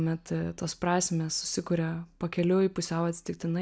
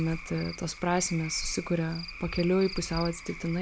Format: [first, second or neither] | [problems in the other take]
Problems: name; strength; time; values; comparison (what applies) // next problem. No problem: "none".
first | background sound (Cricket / Frog); 10 dB below the speech